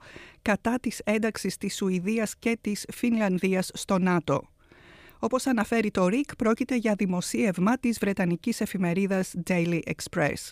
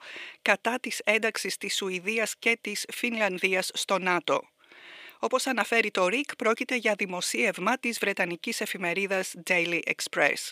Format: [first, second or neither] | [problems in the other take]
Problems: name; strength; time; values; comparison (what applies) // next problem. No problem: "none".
first | thin; somewhat; fading below 450 Hz